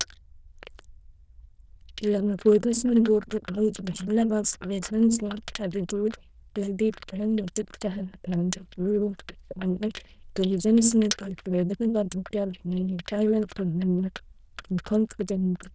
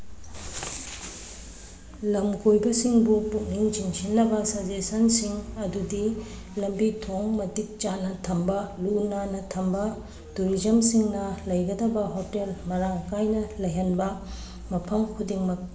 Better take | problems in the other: second | noise reduction (neural diffusion model UNIVERSE++)

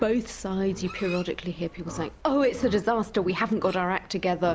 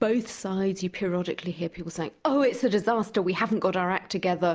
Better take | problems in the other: second | background sound (Livestock, farm animals, working animals); 16 dB below the speech

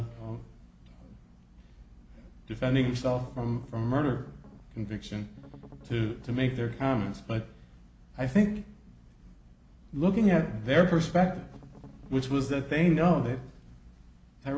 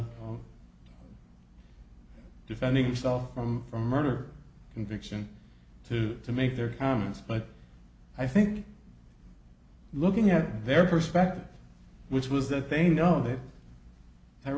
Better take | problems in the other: second | background sound (Strum); 19 dB below the speech

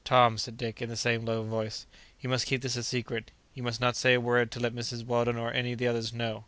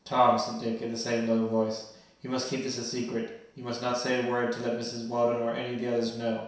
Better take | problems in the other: first | room echo; dies away in 0.7 s

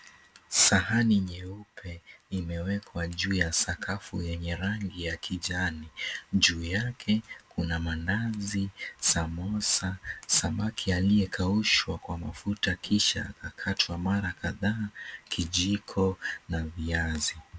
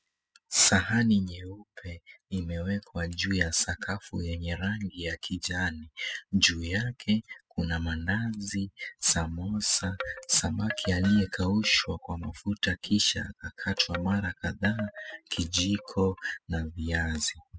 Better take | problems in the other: first | noise reduction (classical method spectral subtraction)

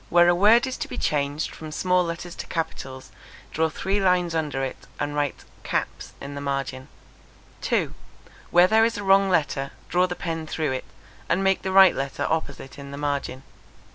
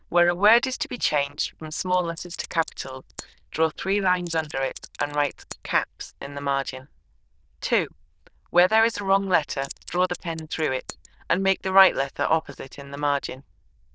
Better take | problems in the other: first | noise reduction (neural diffusion model UNIVERSE++)

